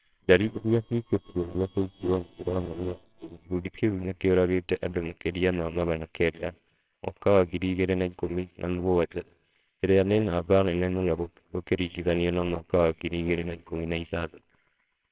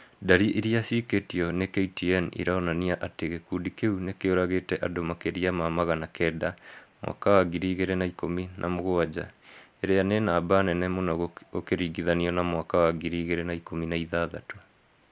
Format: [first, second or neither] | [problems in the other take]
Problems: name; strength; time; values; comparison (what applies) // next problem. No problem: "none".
second | noise reduction (neural separator model SepFormer WHAMR!)